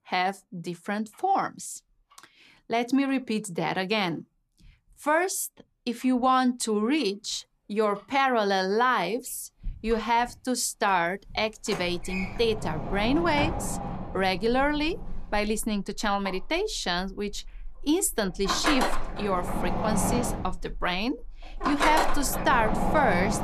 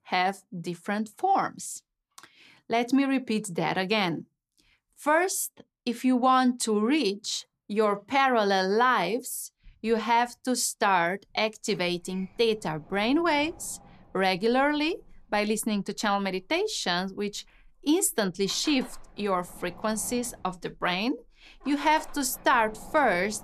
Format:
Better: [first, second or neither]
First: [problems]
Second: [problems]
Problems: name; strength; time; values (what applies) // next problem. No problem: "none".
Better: second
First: household noises; loud; throughout; 5 dB below the speech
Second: household noises; faint; throughout; 25 dB below the speech